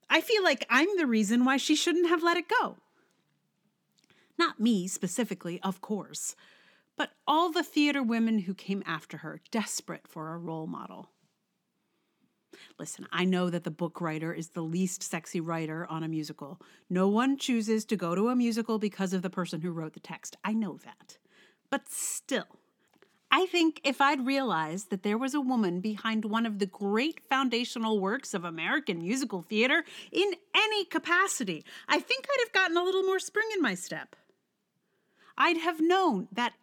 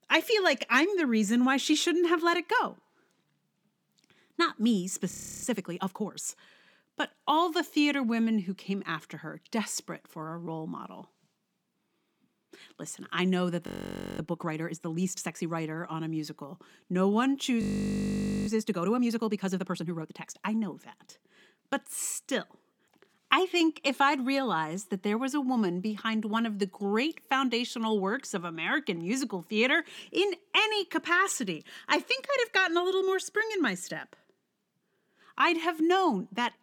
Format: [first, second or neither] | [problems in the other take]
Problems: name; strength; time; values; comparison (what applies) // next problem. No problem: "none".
first | audio freezing; at 5 s, at 14 s for 0.5 s and at 18 s for 1 s